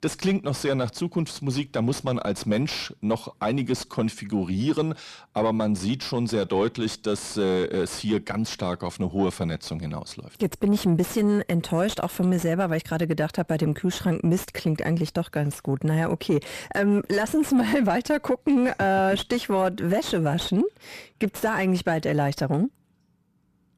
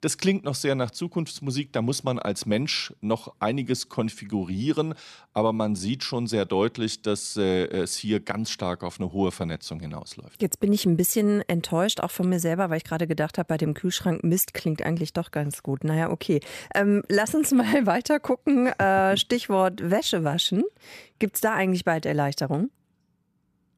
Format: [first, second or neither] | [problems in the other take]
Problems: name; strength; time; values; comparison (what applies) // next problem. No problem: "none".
second | distortion; slight; 10 dB below the speech